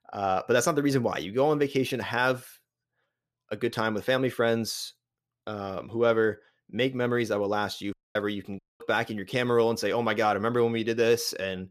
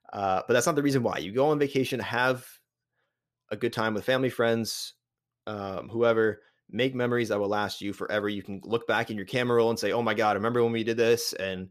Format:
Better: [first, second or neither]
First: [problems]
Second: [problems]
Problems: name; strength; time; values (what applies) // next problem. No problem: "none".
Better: second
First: audio cutting out; at 8 s and at 8.5 s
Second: none